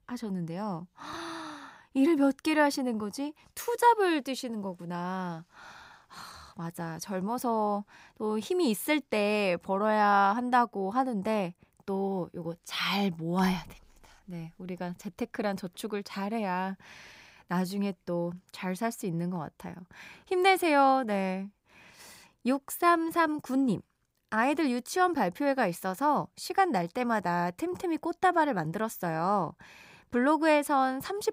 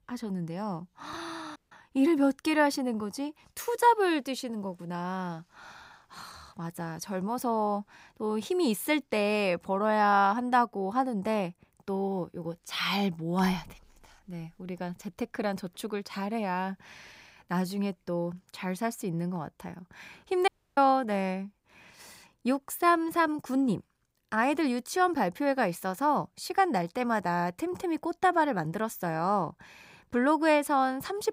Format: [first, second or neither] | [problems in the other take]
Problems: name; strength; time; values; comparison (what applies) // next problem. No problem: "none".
first | audio cutting out; at 1.5 s and at 20 s